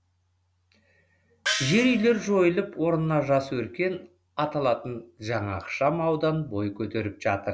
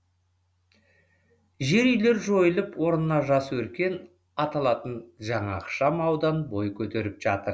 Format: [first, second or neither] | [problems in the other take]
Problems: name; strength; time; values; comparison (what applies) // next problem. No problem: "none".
second | background sound (Gong); 5 dB below the speech